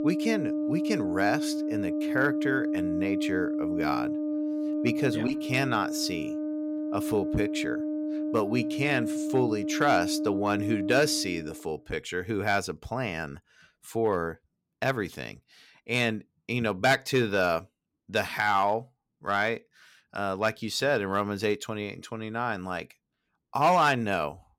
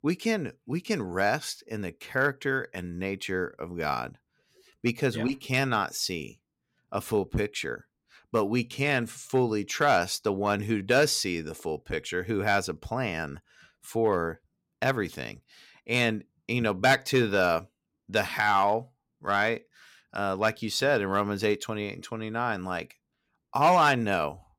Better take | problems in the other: second | background music; loud; until 11 s; 2 dB below the speech

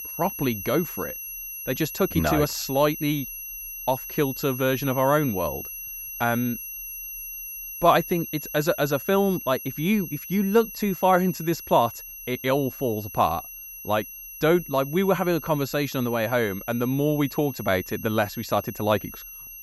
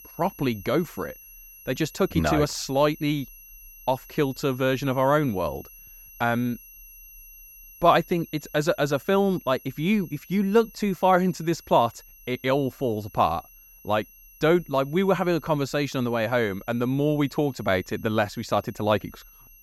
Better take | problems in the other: second | high-pitched whine; loud; throughout; 11.5 kHz, 10 dB below the speech; faint in the second

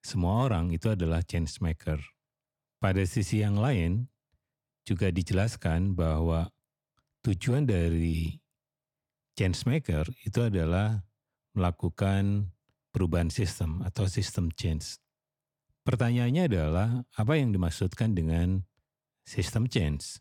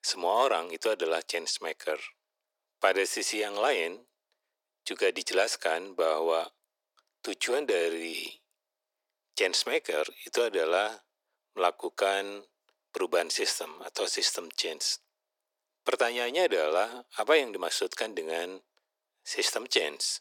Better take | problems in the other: first | thin; very; fading below 400 Hz

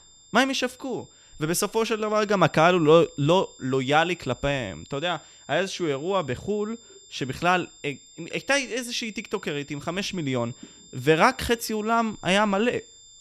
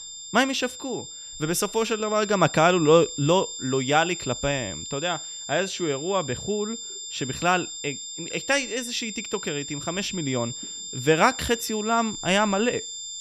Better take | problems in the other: first | high-pitched whine; loud; throughout; 7.5 kHz, 9 dB below the speech; faint in the first

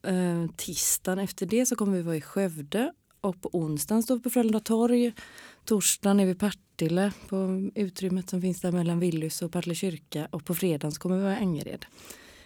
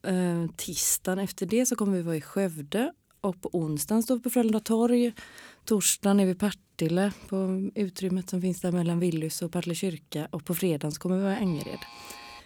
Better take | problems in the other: first | alarm; faint; at 11 s; peak 15 dB below the speech

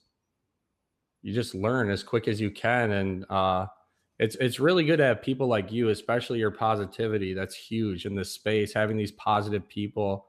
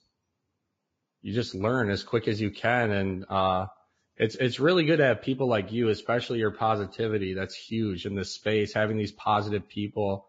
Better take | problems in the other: first | garbled, watery; badly; nothing above 7.5 kHz

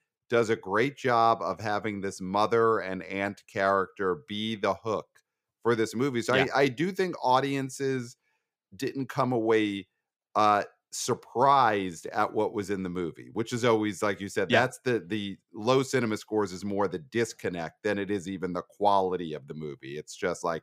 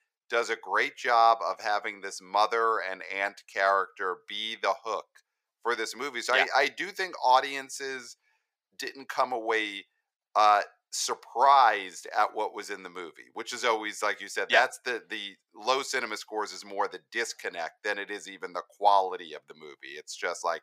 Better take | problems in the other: first | thin; very; fading below 650 Hz

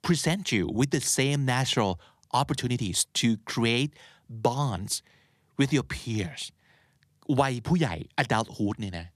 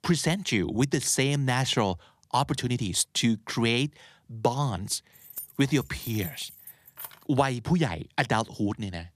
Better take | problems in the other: first | jangling keys; faint; from 5 to 7 s; peak 10 dB below the speech

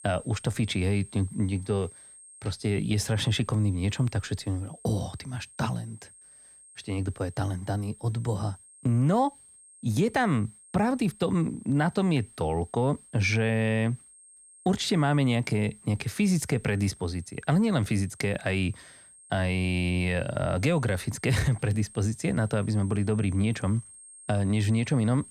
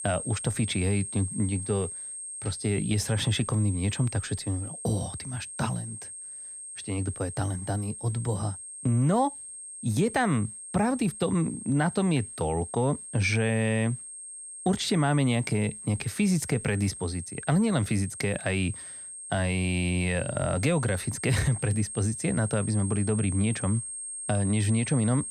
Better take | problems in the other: first | high-pitched whine; loud; throughout; 8.5 kHz, 9 dB below the speech; faint in the first

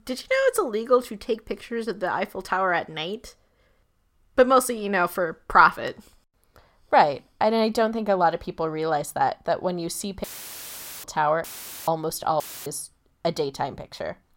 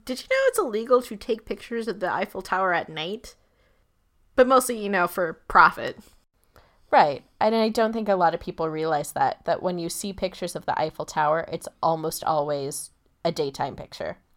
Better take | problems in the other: second | audio cutting out; filled with static; at 10 s for 1 s, at 11 s and at 12 s

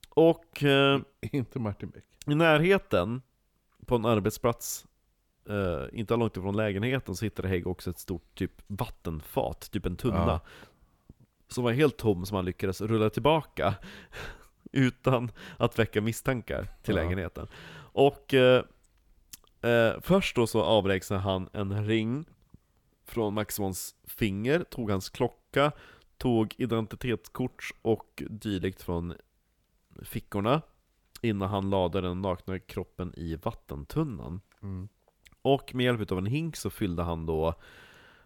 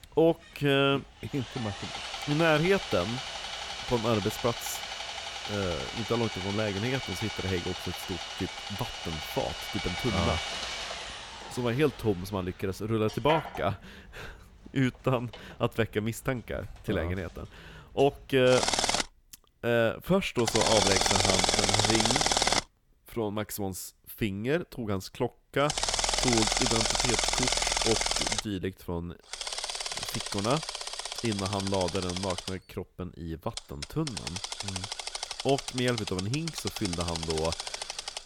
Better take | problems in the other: first | machinery noise; very loud; throughout; as loud as the speech

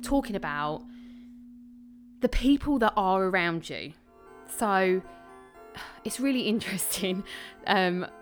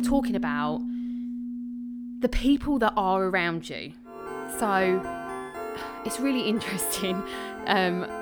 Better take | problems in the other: first | background music; loud; throughout; 8 dB below the speech; faint in the first

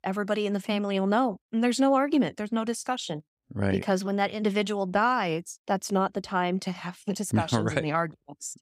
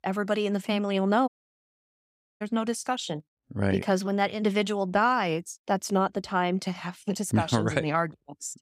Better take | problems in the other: first | audio cutting out; at 1.5 s for 1 s

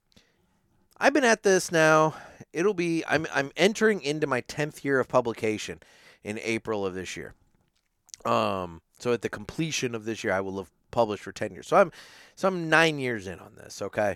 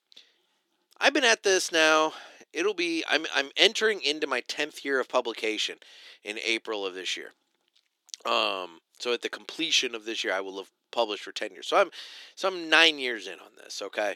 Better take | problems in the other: first | thin; somewhat; fading below 300 Hz

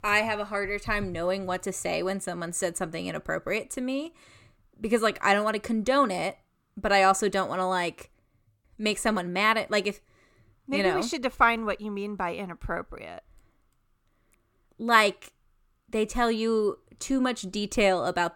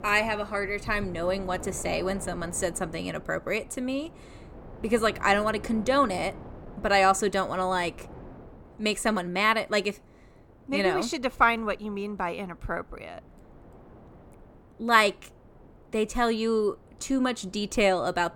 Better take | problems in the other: first | wind noise on the microphone; occasional gusts; 25 dB below the speech

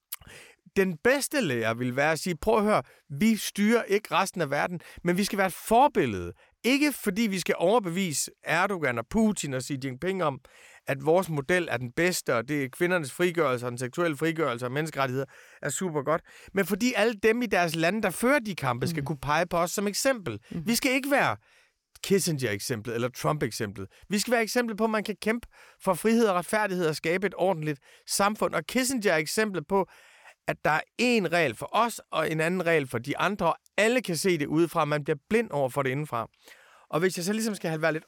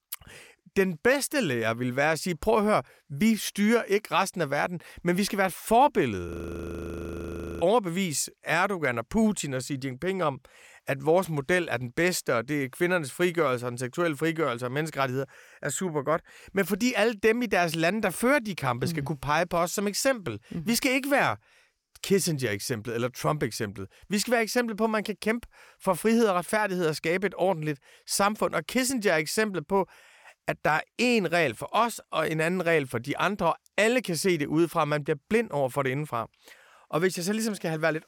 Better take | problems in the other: first | audio freezing; at 6.5 s for 1.5 s

